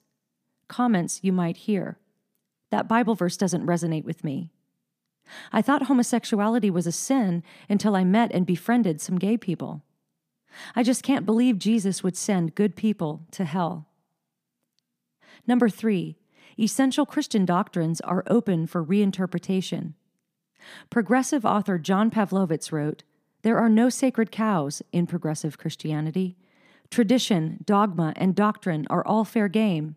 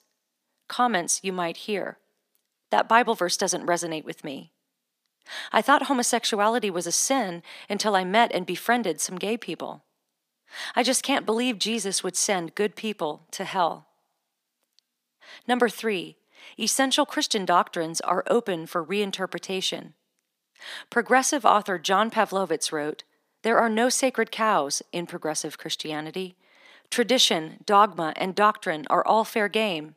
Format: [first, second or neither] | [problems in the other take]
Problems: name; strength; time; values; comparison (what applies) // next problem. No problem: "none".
first | thin; somewhat; fading below 500 Hz